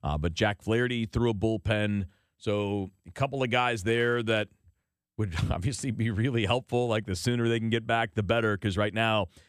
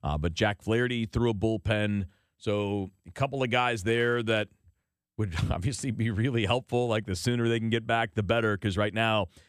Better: neither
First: none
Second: none

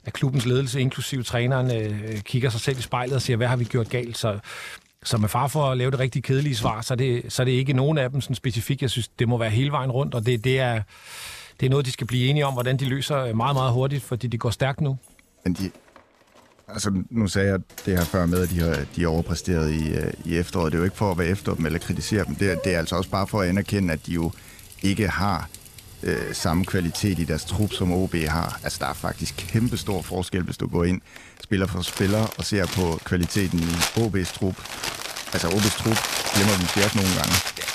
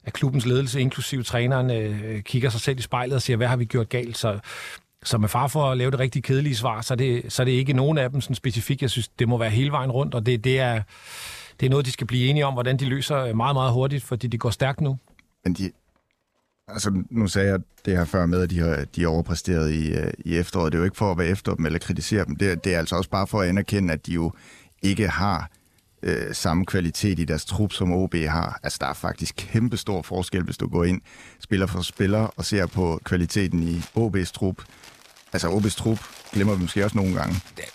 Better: second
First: household noises; loud; throughout; 6 dB below the speech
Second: household noises; faint; throughout; 25 dB below the speech

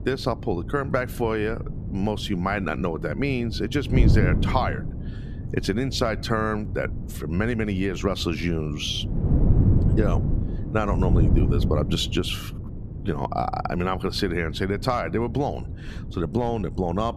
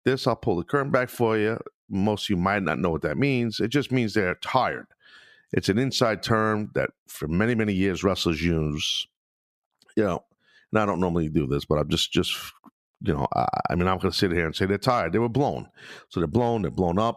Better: second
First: wind noise on the microphone; occasional gusts; 10 dB below the speech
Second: none

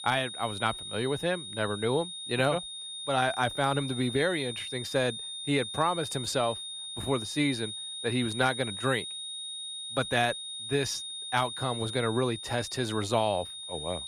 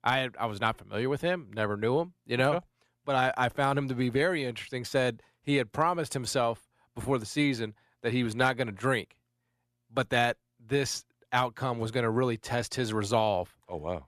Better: second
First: high-pitched whine; loud; throughout; 3.5 kHz, 6 dB below the speech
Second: none

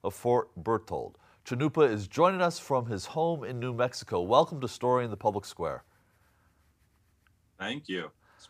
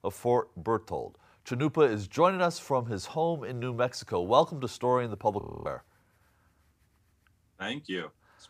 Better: first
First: none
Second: audio freezing; at 5.5 s

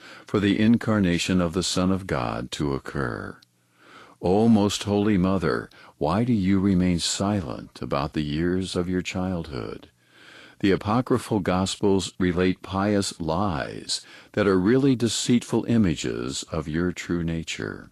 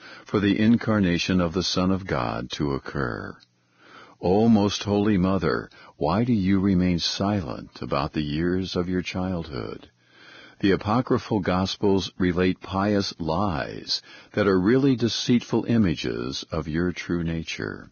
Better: first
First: garbled, watery; slightly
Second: garbled, watery; badly; nothing above 6.5 kHz

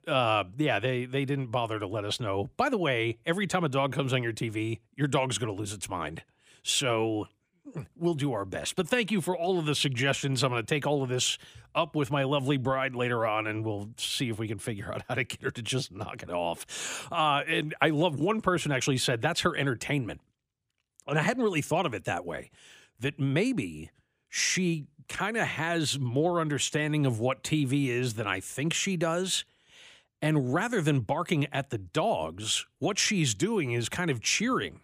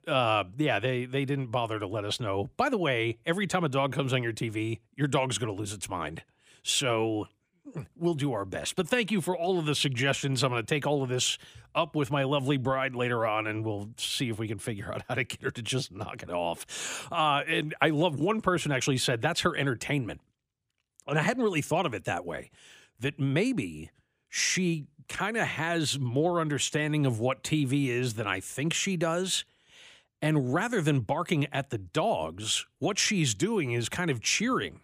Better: neither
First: none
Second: none

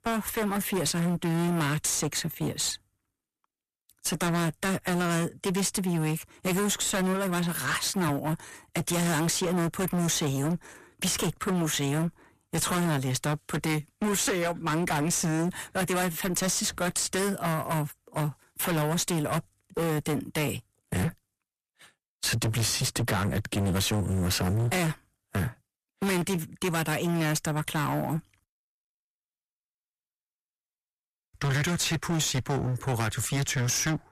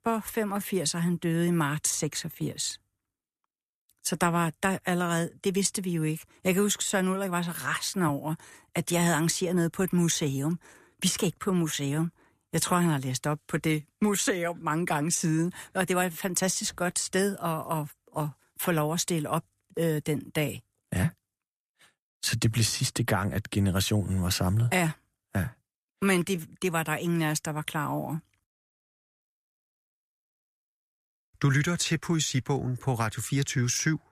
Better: second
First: distortion; heavy; 26% of the sound clipped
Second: none

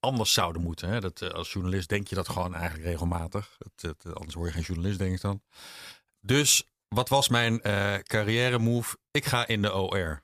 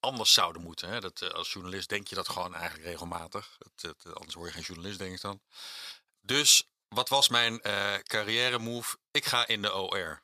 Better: first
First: none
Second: thin; somewhat; fading below 600 Hz

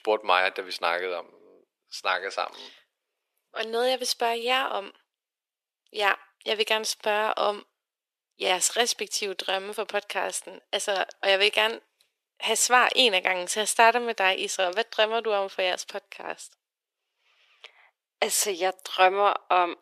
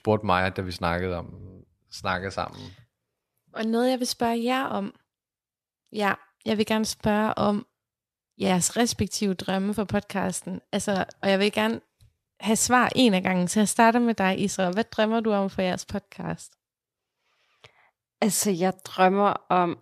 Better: second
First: thin; very; fading below 400 Hz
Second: none

